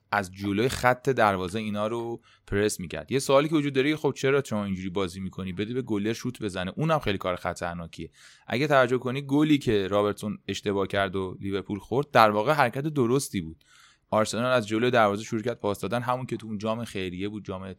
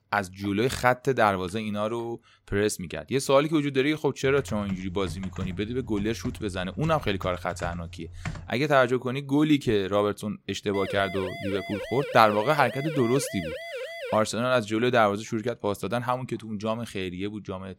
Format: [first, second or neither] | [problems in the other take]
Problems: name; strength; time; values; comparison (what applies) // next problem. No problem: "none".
first | keyboard typing; faint; from 4 to 8.5 s; peak 10 dB below the speech // siren; noticeable; from 11 to 14 s; peak 8 dB below the speech